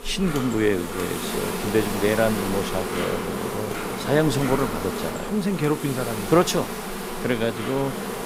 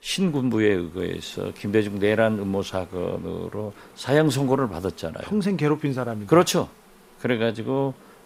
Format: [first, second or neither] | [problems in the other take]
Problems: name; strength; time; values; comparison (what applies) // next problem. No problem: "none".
second | animal sounds; loud; throughout; 4 dB below the speech; faint in the second